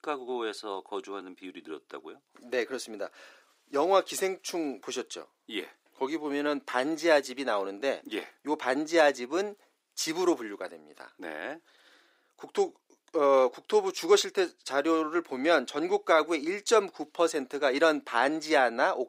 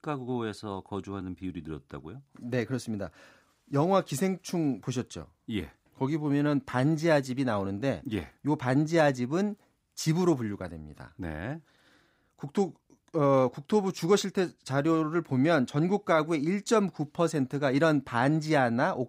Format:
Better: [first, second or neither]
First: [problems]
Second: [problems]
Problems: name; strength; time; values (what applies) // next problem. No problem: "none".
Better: second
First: thin; somewhat; fading below 350 Hz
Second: none